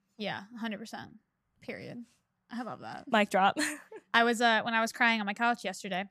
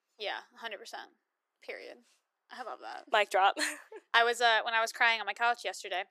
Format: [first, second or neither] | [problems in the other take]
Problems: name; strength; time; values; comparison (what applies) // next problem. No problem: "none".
first | thin; very; fading below 350 Hz